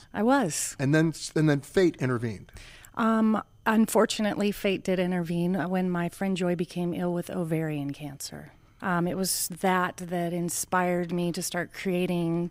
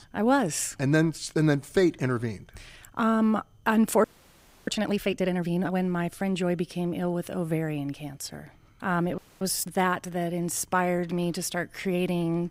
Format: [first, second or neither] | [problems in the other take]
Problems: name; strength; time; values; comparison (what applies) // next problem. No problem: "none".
first | audio freezing; at 4 s for 0.5 s and at 9 s